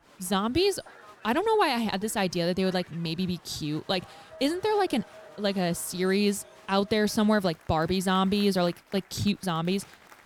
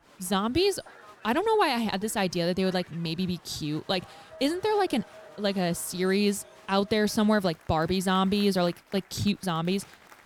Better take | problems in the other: neither | crowd noise; faint; throughout; 25 dB below the speech; the same in both

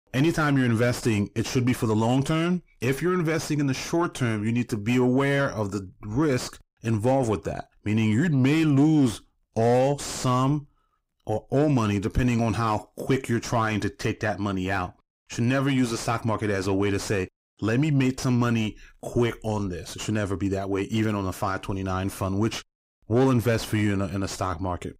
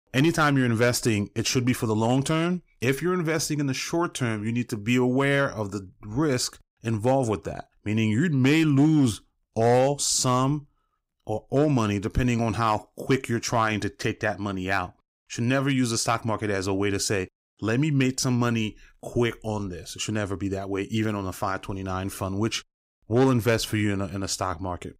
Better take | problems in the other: second | distortion; slight; 10 dB below the speech

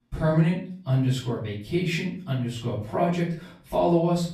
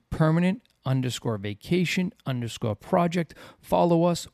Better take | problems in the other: second | off-mic speech; far // room echo; noticeable; dies away in 0.4 s

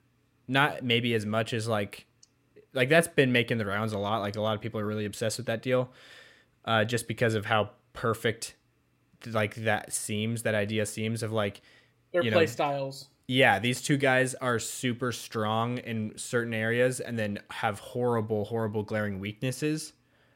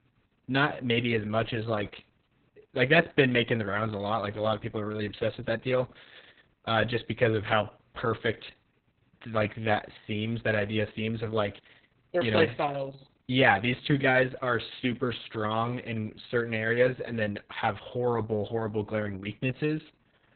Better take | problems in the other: first | garbled, watery; badly; nothing above 4 kHz

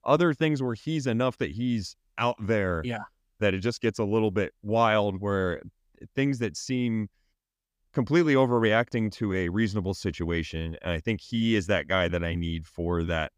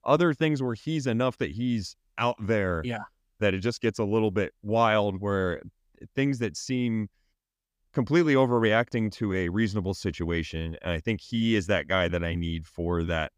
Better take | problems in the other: neither | none

